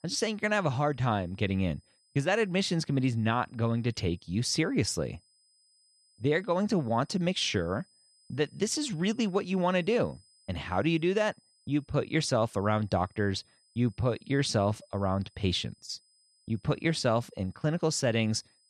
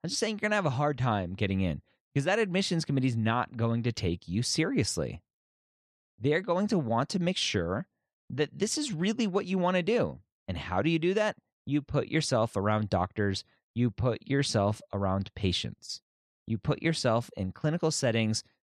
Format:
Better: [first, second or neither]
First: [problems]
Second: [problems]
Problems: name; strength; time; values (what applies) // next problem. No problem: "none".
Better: second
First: high-pitched whine; faint; throughout; 5 kHz, 35 dB below the speech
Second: none